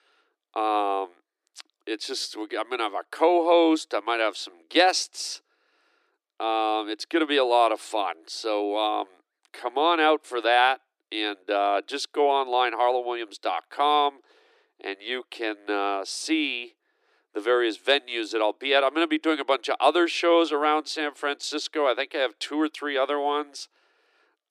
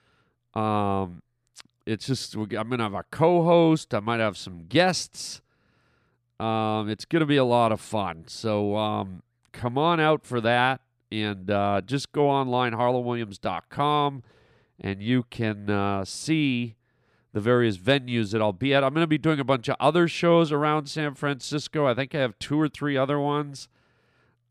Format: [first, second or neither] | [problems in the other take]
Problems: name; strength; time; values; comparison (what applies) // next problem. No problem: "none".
second | thin; very; fading below 300 Hz